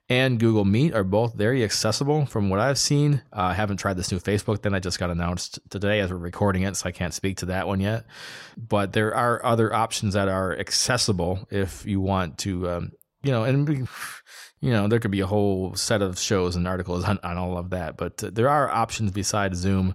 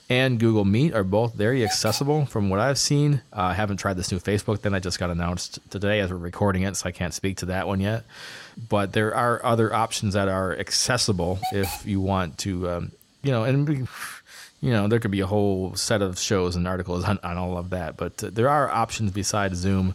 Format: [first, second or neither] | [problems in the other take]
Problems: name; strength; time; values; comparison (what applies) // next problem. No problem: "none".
first | hiss; noticeable; throughout; 15 dB below the speech